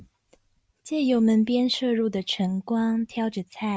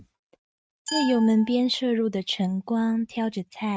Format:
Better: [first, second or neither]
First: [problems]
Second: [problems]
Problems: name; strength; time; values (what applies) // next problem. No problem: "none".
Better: first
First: none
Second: noise reduction (neural mask model RNNoise)